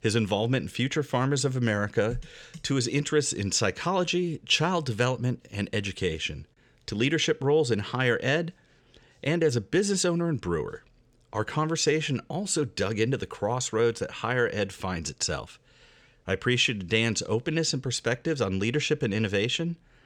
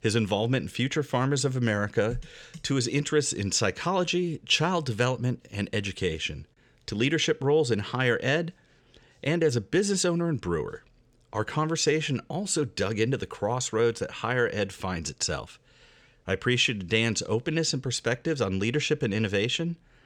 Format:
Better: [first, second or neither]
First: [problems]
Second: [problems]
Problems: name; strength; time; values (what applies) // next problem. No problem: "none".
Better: neither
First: none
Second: none